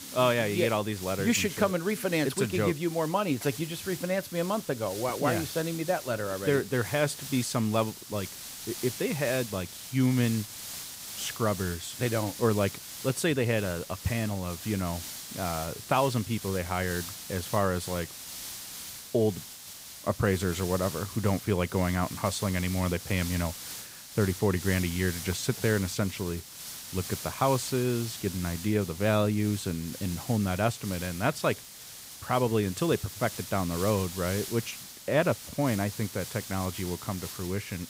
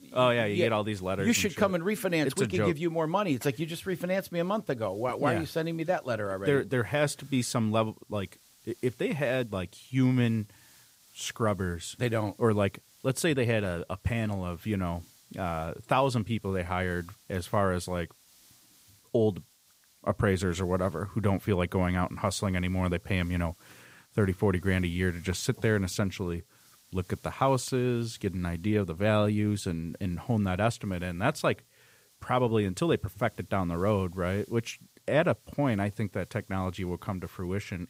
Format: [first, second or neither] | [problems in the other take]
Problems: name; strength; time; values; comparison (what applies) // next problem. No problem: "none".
second | hiss; loud; throughout; 10 dB below the speech; faint in the second